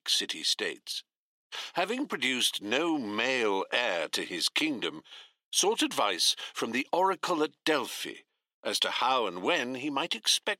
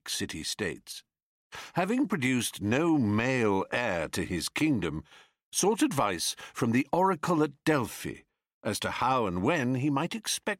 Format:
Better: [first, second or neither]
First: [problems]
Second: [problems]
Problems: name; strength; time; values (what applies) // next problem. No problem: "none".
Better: second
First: thin; somewhat; fading below 400 Hz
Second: none